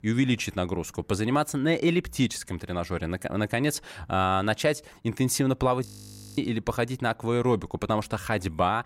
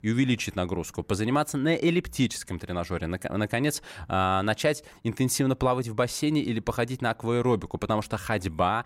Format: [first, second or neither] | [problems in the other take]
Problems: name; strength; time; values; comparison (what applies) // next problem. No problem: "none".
second | audio freezing; at 6 s for 0.5 s